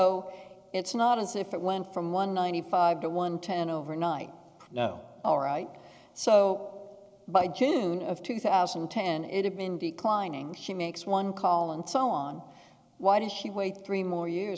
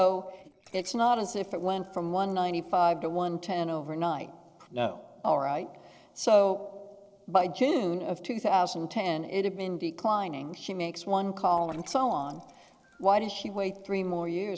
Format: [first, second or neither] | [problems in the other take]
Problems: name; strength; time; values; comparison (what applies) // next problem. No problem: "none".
first | noise reduction (neural separator model SepFormer DNS4)